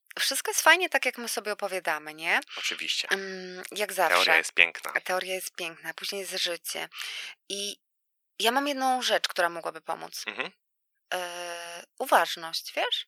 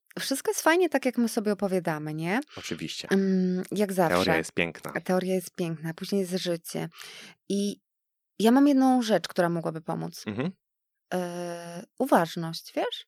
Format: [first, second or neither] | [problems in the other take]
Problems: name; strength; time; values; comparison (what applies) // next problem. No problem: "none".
second | thin; very; fading below 800 Hz